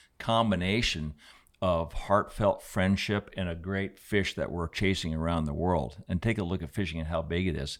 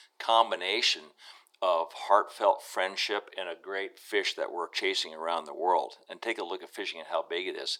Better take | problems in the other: first | thin; very; fading below 350 Hz

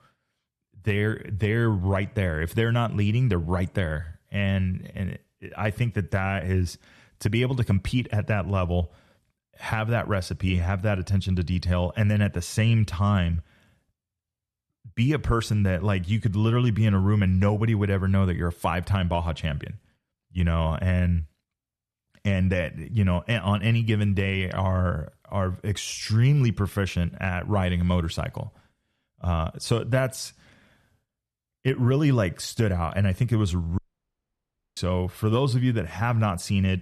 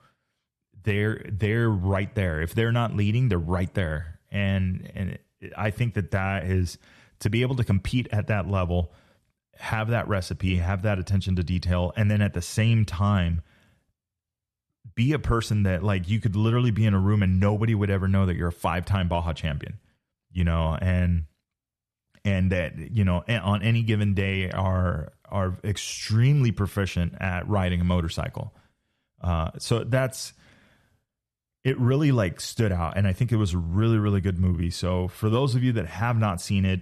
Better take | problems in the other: second | audio cutting out; at 34 s for 1 s

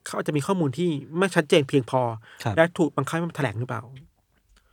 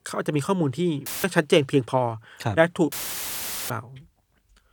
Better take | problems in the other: first | audio cutting out; filled with static; at 1 s and at 3 s for 1 s

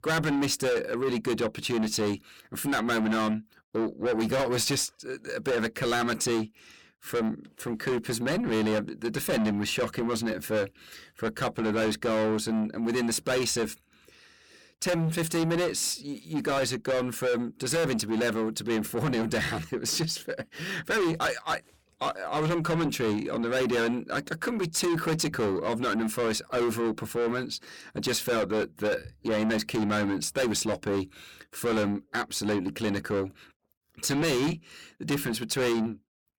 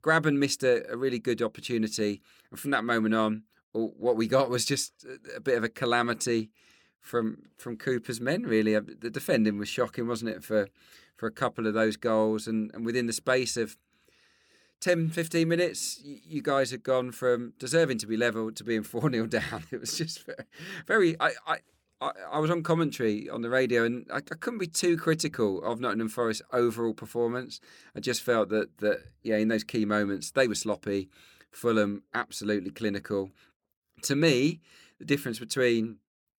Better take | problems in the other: second | distortion; heavy; 6 dB below the speech

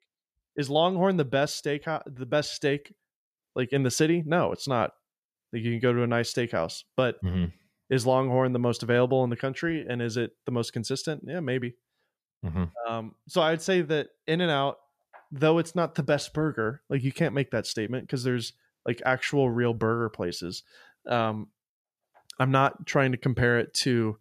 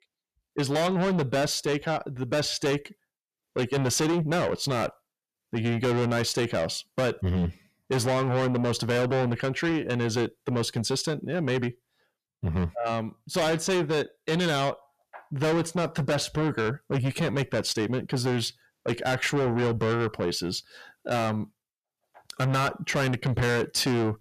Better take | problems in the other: first | distortion; heavy; 6 dB below the speech

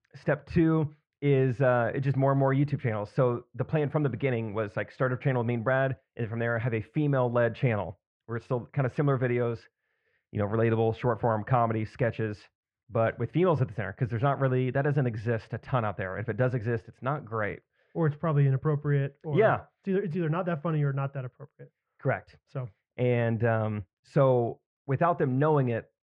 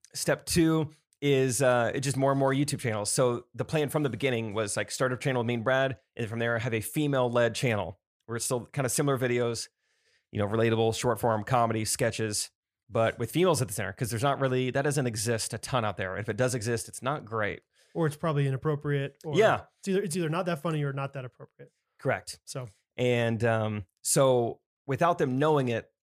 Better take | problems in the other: second | muffled; very; fading above 2 kHz

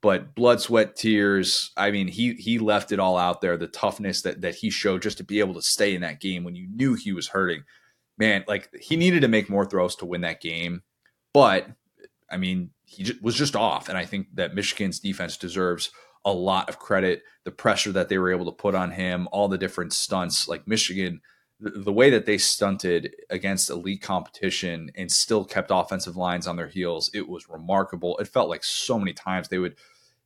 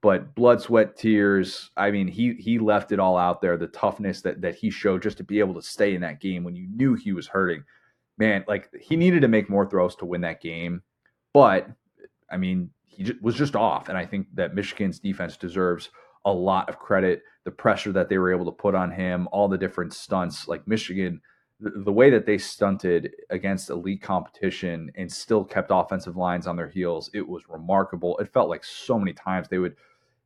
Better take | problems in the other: first | muffled; very; fading above 3 kHz

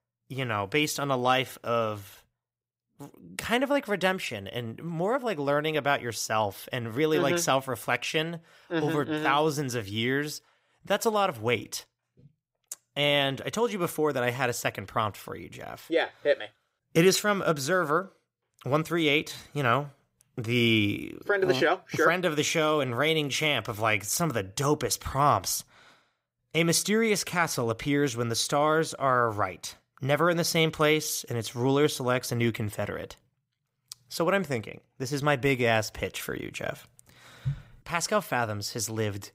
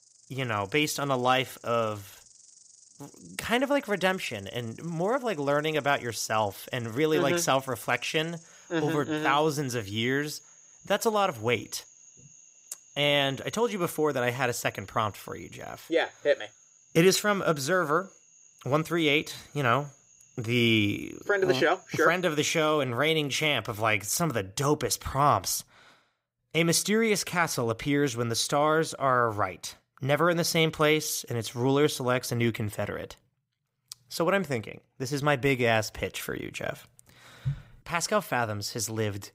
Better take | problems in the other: first | animal sounds; faint; until 23 s; 25 dB below the speech

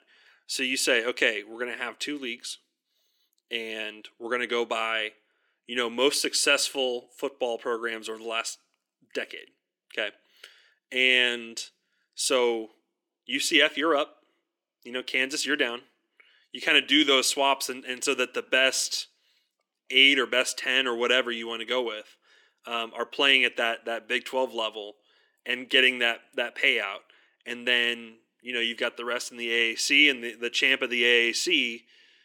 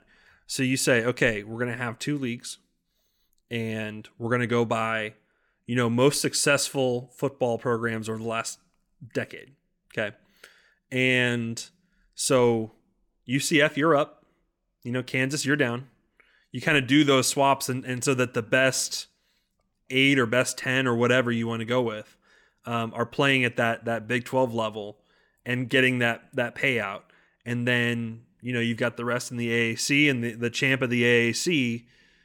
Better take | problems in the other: second | thin; somewhat; fading below 300 Hz

